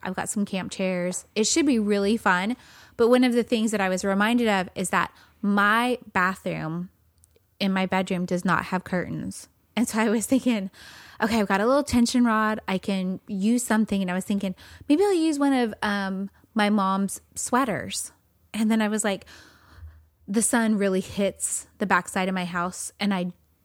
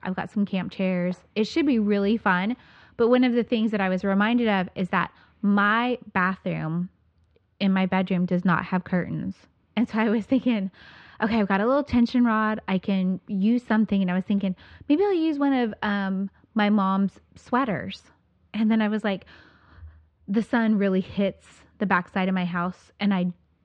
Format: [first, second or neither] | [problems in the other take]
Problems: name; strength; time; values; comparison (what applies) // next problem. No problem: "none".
first | muffled; slightly; fading above 3.5 kHz